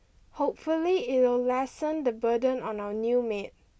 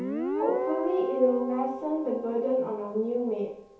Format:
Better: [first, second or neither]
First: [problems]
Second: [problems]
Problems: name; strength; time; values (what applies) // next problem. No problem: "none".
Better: first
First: none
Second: background sound (Guitar); 5 dB below the speech // room echo; dies away in 0.8 s